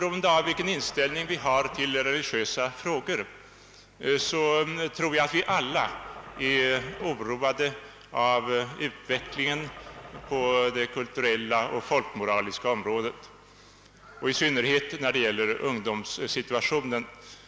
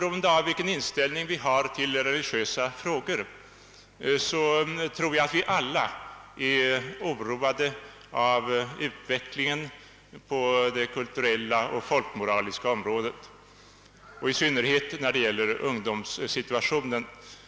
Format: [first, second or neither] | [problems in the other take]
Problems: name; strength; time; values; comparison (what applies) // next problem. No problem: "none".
second | background sound (Engine starting / Car); 17 dB below the speech